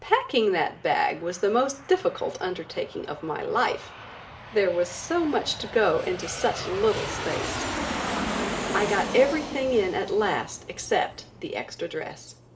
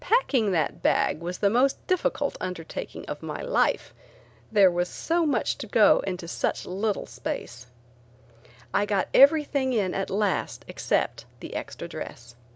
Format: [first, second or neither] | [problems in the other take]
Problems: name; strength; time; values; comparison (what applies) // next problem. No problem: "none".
second | background sound (Aircraft); 9 dB below the speech // room echo; dies away in 0.4 s